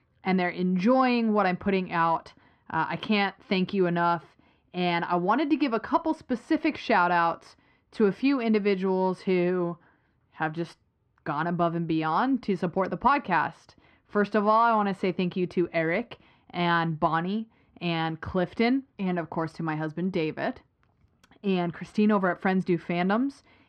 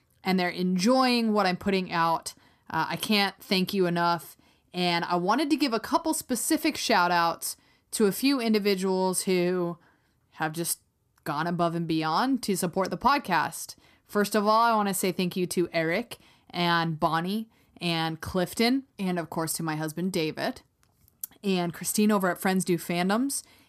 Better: second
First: muffled; slightly; fading above 3 kHz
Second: none

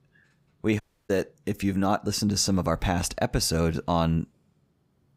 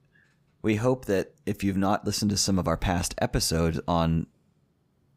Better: second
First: audio cutting out; at 1 s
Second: none

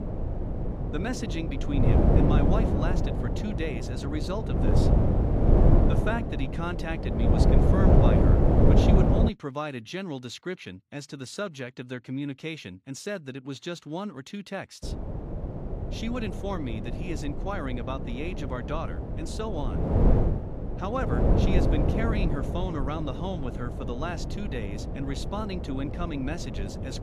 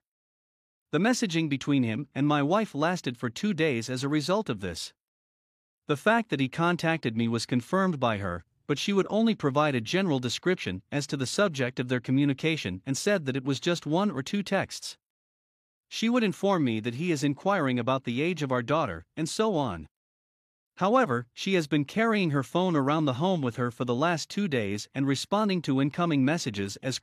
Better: second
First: wind noise on the microphone; heavy; until 9.5 s and from 15 s on; 2 dB above the speech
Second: none

